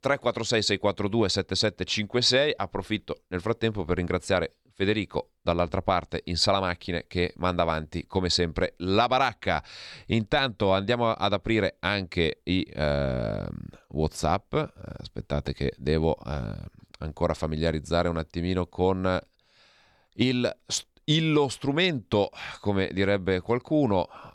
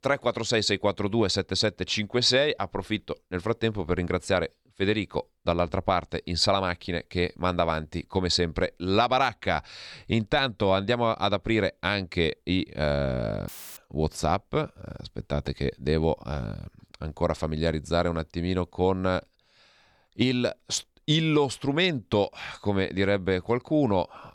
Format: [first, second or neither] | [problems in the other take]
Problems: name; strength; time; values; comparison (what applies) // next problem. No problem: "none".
first | audio cutting out; filled with static; at 13 s